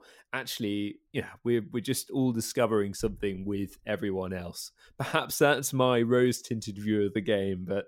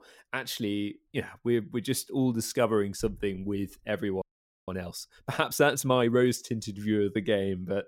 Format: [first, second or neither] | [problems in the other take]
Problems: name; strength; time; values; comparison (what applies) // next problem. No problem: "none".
first | audio freezing; at 4 s